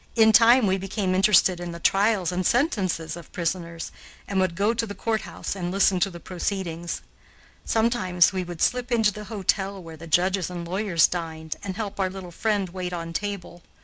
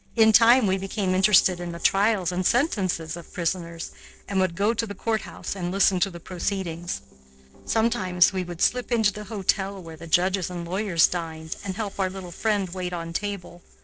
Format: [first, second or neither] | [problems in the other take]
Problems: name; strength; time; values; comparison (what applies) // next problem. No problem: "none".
first | noise reduction (neural separator model SepFormer DNS4)